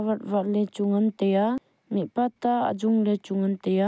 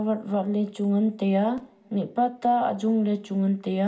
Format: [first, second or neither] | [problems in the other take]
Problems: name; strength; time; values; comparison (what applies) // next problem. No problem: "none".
first | room echo; dies away in 0.5 s